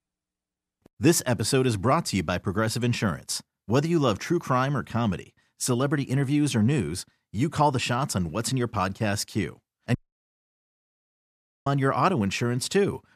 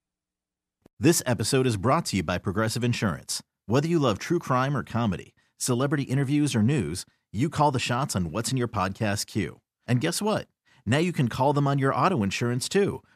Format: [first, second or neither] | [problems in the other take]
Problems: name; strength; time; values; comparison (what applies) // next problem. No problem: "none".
second | audio cutting out; at 10 s for 1.5 s